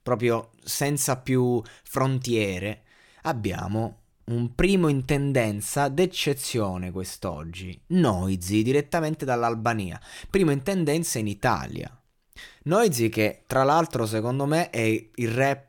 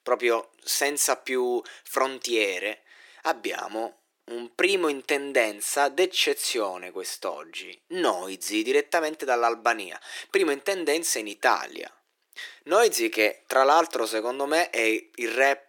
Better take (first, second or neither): first